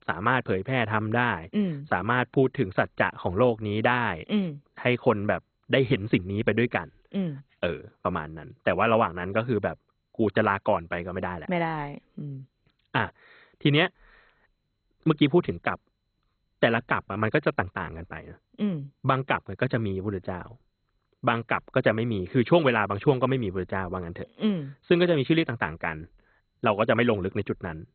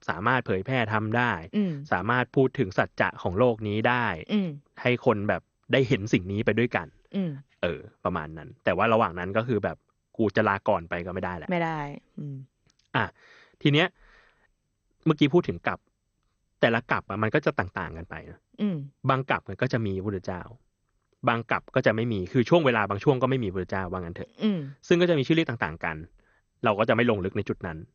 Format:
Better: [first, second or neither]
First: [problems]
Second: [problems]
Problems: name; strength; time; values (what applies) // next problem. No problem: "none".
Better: second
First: garbled, watery; badly; nothing above 3.5 kHz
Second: garbled, watery; slightly; nothing above 6.5 kHz